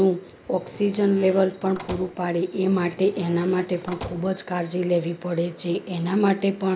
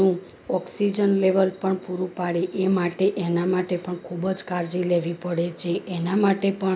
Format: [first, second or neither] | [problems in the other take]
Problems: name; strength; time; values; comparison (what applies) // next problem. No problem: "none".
second | background sound (Slam); 17 dB below the speech